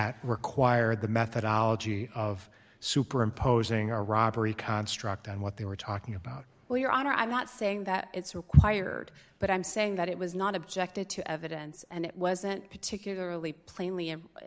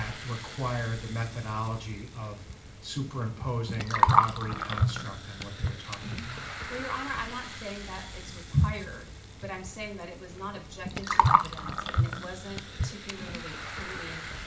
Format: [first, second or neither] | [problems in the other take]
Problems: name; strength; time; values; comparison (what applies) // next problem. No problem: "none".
first | background sound (Gurgling); 4 dB above the speech // room echo; dies away in 0.4 s